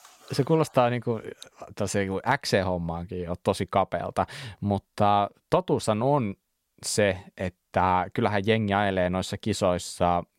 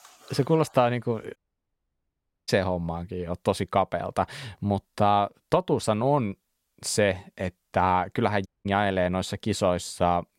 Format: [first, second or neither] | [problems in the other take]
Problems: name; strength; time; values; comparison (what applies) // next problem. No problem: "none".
first | audio cutting out; at 1.5 s for 1 s and at 8.5 s